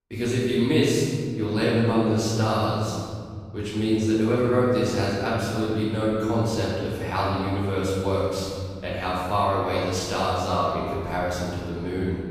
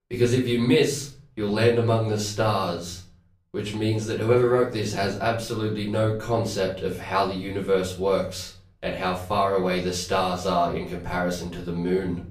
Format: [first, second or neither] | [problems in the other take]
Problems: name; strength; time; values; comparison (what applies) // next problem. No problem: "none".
second | room echo; strong; dies away in 2.8 s; slight in the second // off-mic speech; far; far in the second